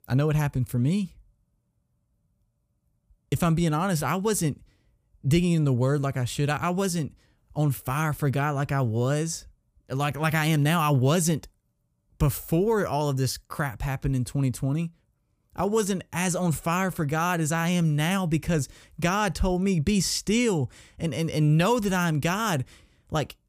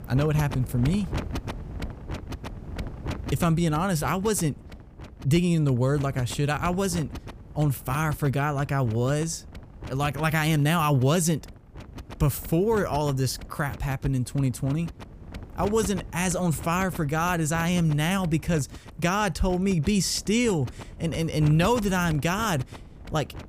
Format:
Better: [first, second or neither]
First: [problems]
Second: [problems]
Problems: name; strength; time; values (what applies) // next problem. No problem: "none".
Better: first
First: none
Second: wind noise on the microphone; occasional gusts; 15 dB below the speech